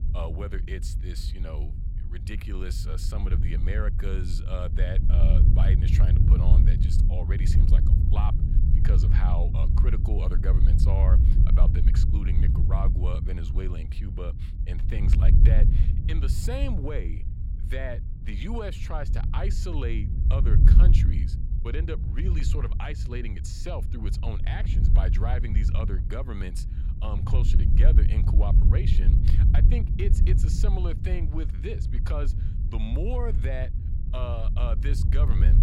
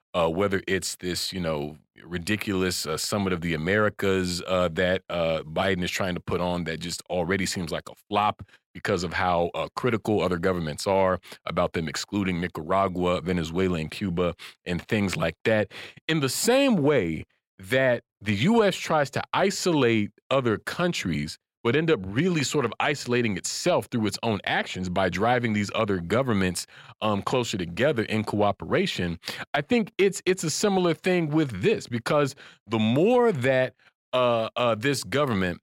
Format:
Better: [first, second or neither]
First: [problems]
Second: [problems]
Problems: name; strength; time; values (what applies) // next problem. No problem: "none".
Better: second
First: wind noise on the microphone; heavy; 3 dB below the speech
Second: none